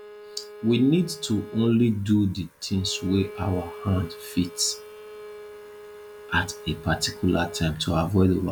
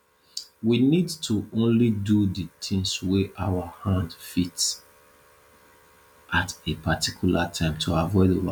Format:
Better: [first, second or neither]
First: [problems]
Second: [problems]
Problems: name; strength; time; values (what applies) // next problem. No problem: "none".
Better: second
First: background sound (Bowed string instrument); 17 dB below the speech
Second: none